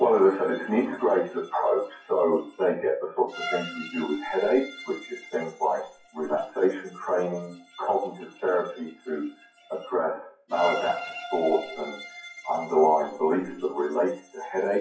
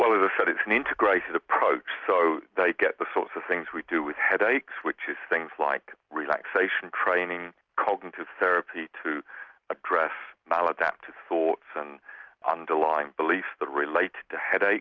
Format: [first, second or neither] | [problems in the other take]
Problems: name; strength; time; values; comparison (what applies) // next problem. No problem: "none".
second | noise reduction (classical method WPE with log-MMSE)